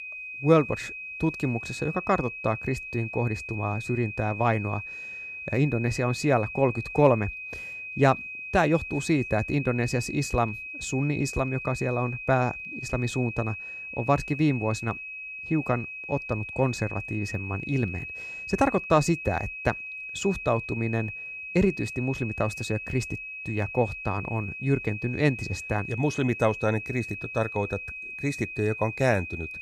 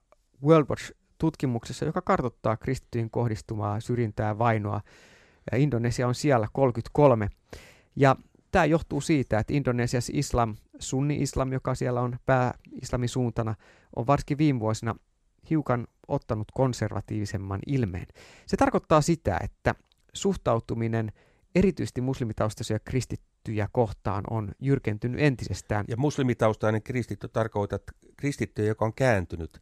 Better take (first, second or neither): second